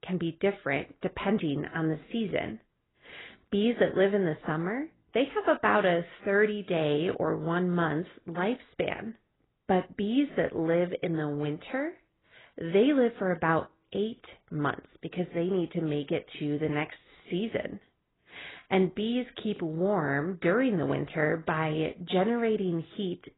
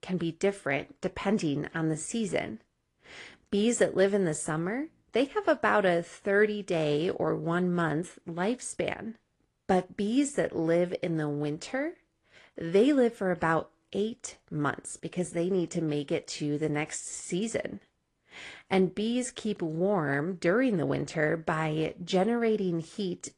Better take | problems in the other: second | garbled, watery; badly; nothing above 3.5 kHz; slightly in the second

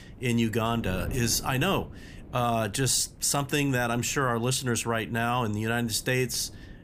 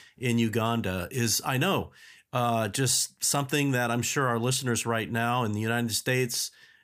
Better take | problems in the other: second | wind noise on the microphone; occasional gusts; 25 dB below the speech

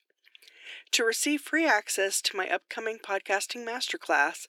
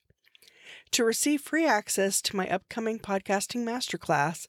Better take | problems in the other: second | thin; very slightly; fading below 300 Hz

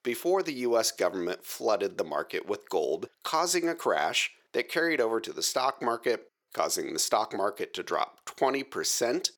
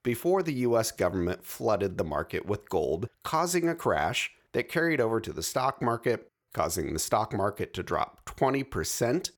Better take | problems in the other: second | thin; somewhat; fading below 350 Hz

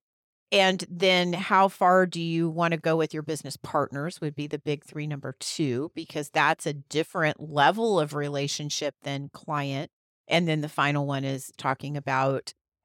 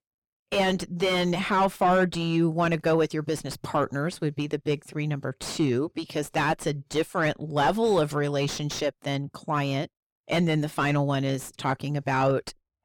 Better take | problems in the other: first | distortion; heavy; 7 dB below the speech

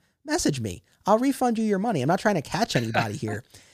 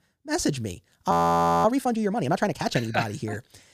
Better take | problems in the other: first | audio freezing; at 1 s for 0.5 s

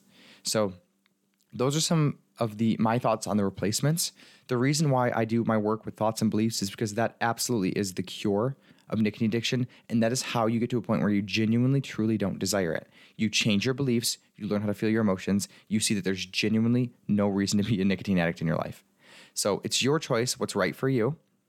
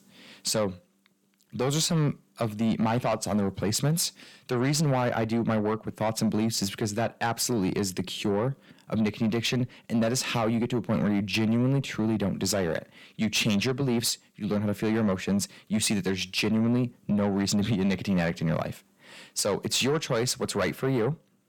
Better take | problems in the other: first | distortion; slight; 10 dB below the speech

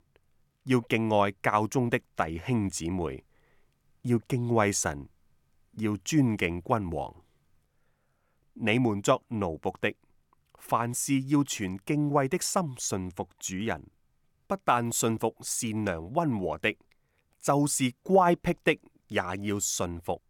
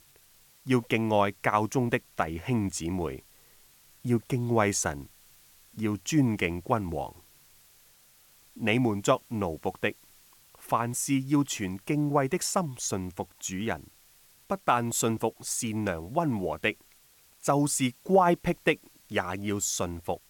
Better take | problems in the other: first | hiss; faint; throughout; 30 dB below the speech

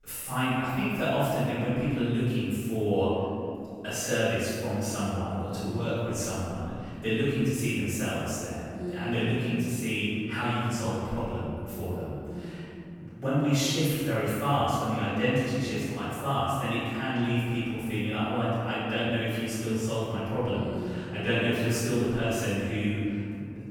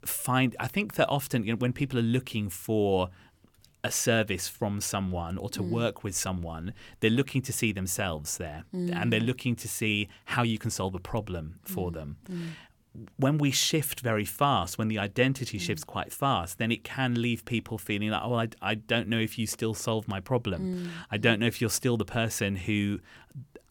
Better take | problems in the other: second | off-mic speech; far // room echo; strong; dies away in 2.3 s

